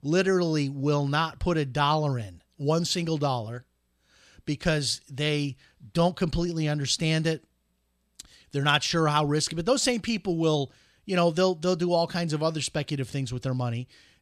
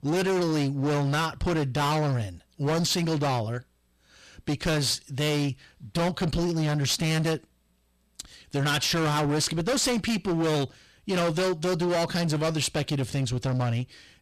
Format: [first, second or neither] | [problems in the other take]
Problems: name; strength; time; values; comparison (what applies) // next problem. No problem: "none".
first | distortion; heavy; 25% of the sound clipped